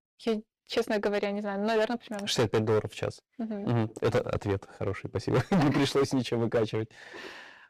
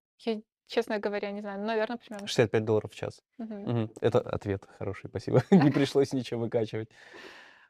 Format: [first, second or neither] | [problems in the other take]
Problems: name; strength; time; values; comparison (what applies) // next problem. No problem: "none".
second | distortion; heavy; 9% of the sound clipped